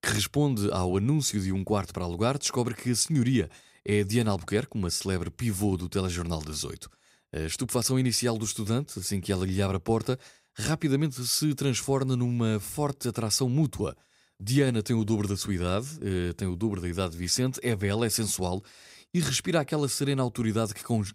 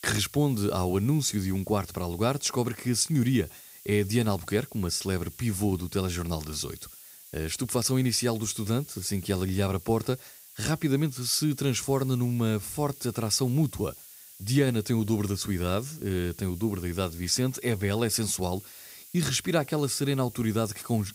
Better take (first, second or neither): first